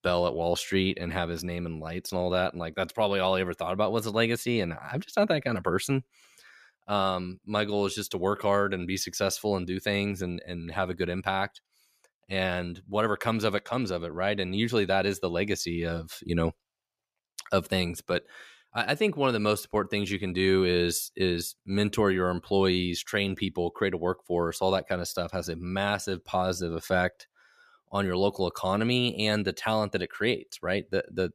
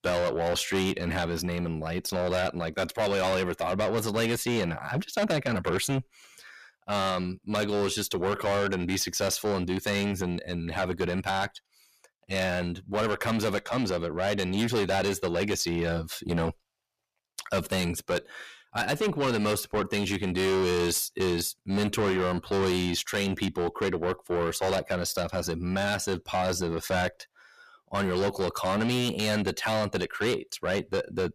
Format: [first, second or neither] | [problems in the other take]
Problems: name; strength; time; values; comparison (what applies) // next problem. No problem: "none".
first | distortion; heavy; 6 dB below the speech